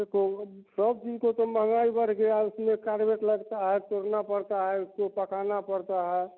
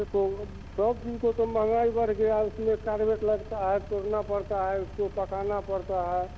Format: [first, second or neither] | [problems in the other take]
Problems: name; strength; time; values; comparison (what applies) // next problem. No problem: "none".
first | background sound (Engine); 14 dB below the speech